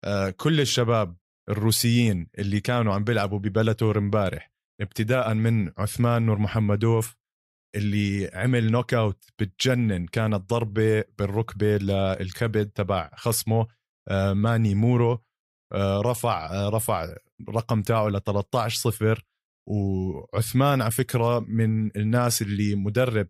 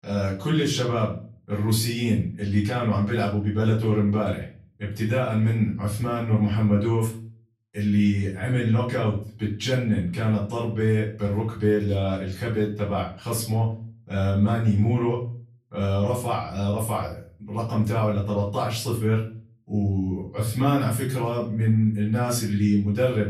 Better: first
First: none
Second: off-mic speech; far // room echo; slight; dies away in 0.4 s

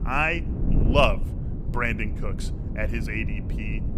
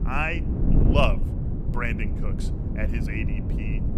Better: first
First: wind noise on the microphone; occasional gusts; 15 dB below the speech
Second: wind noise on the microphone; heavy; 8 dB below the speech

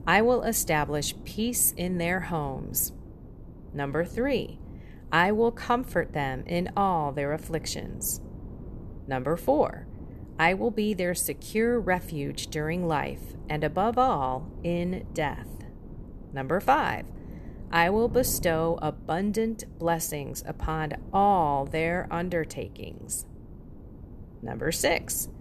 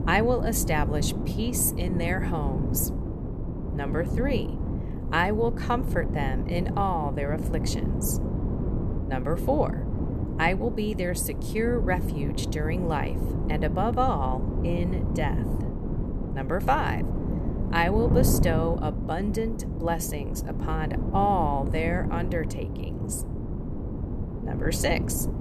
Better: first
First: wind noise on the microphone; occasional gusts; 25 dB below the speech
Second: wind noise on the microphone; heavy; 9 dB below the speech

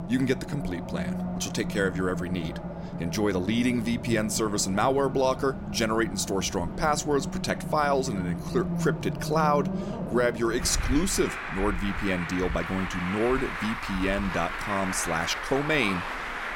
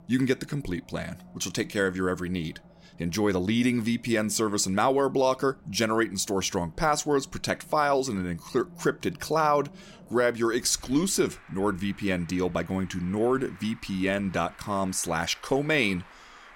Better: second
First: traffic noise; loud; throughout; 6 dB below the speech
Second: traffic noise; faint; throughout; 25 dB below the speech

